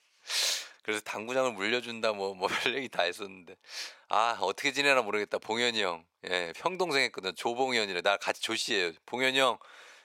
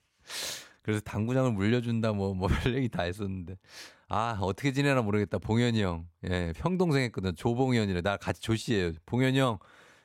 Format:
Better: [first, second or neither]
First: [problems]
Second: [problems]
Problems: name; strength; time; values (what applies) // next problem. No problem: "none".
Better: second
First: thin; very; fading below 600 Hz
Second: none